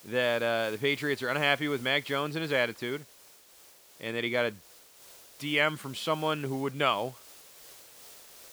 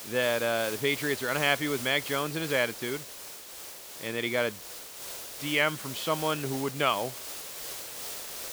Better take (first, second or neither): first